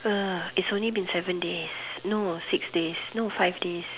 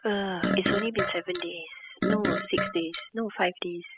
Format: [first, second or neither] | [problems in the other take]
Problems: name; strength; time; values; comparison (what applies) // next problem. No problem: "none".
first | noise reduction (classical method spectral subtraction)